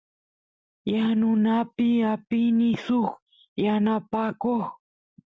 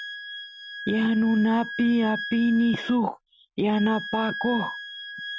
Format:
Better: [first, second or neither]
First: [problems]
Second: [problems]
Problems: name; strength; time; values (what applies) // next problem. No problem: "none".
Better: first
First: none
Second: background sound (Wind instrument, woodwind instrument); 11 dB below the speech